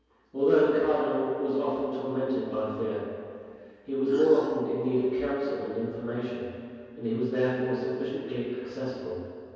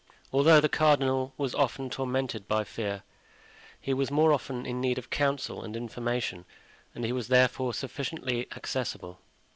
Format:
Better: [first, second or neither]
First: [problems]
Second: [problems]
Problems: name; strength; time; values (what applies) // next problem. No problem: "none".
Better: second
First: background sound (Breathing); 16 dB below the speech // room echo; dies away in 2.2 s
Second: none